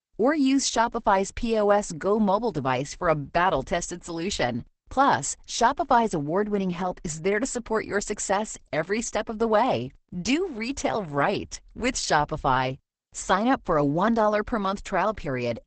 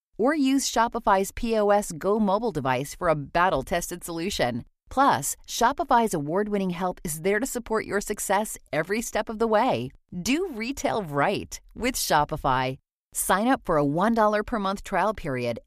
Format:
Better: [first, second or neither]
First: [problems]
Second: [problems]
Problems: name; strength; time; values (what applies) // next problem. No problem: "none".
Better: second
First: garbled, watery; badly; nothing above 8 kHz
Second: none